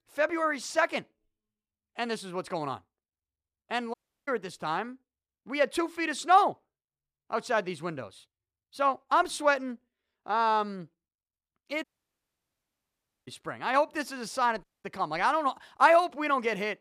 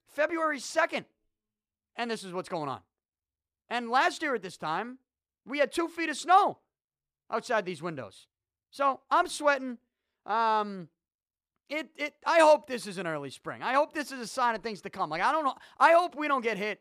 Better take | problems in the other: second | audio cutting out; at 4 s, at 12 s for 1.5 s and at 15 s

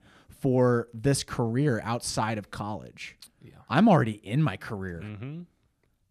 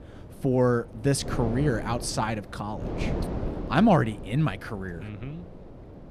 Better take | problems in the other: first | wind noise on the microphone; occasional gusts; 15 dB below the speech

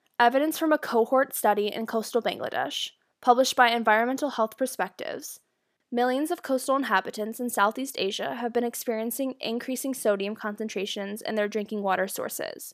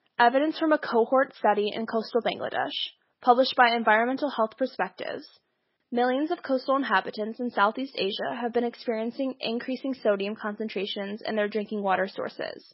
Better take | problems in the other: first | garbled, watery; badly; nothing above 5.5 kHz

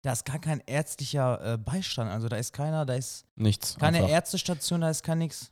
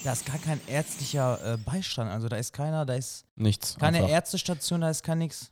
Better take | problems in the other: first | animal sounds; noticeable; until 2 s; 15 dB below the speech

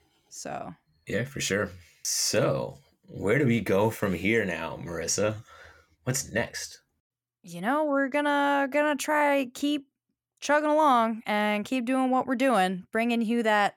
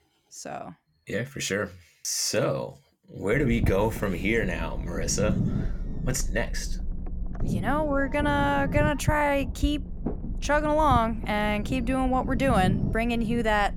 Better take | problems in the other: first | low rumble; noticeable; from 3.5 s on; 15 dB below the speech

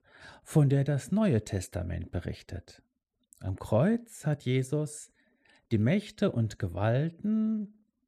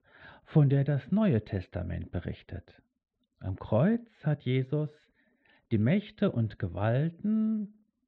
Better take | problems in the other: first | muffled; very; fading above 3.5 kHz

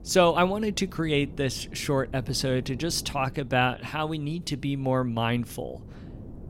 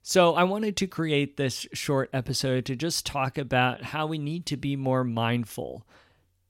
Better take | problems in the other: second | wind noise on the microphone; occasional gusts; 25 dB below the speech

